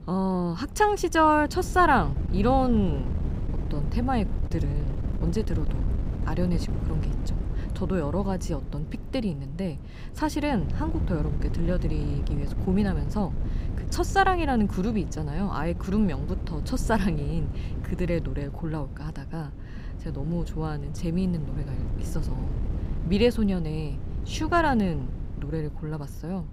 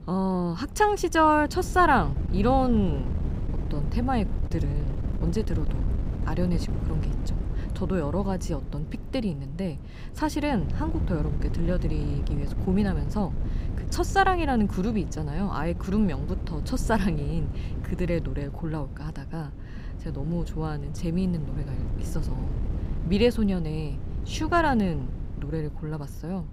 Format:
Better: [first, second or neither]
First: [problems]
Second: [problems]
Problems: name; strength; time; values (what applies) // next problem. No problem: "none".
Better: neither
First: wind noise on the microphone; occasional gusts; 15 dB below the speech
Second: wind noise on the microphone; occasional gusts; 15 dB below the speech